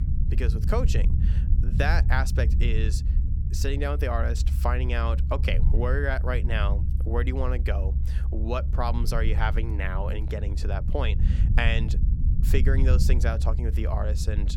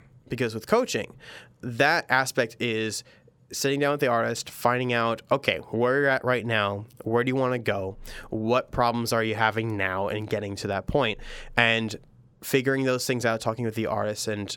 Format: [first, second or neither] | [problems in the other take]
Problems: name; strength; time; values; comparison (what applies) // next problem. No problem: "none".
second | low rumble; noticeable; throughout; 10 dB below the speech